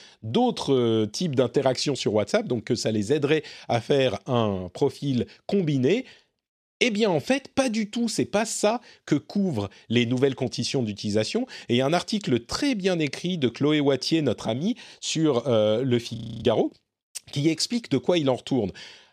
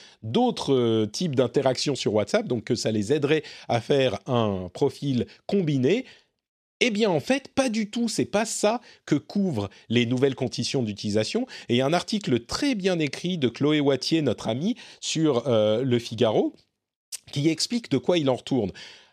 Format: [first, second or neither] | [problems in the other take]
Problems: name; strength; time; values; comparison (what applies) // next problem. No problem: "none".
second | audio freezing; at 16 s